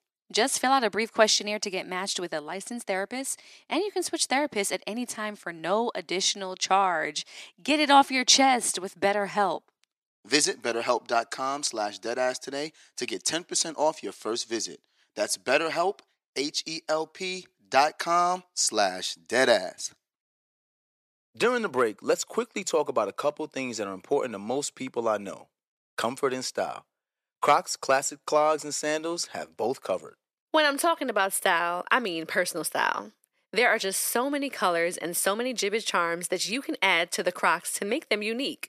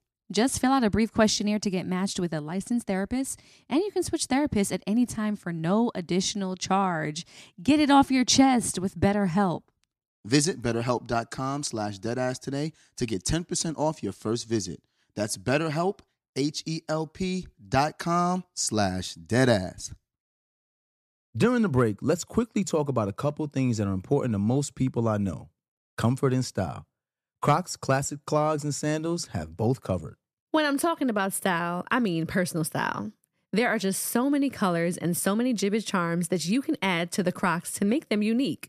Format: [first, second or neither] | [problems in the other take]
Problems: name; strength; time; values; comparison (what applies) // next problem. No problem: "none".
second | thin; somewhat; fading below 500 Hz